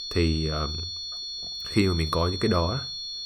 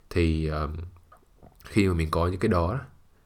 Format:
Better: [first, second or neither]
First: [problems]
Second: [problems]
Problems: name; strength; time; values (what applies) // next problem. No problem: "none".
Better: second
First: high-pitched whine; loud; throughout; 4.5 kHz, 5 dB below the speech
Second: none